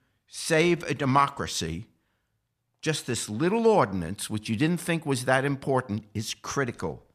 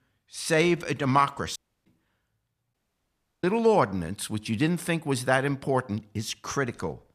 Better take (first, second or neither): first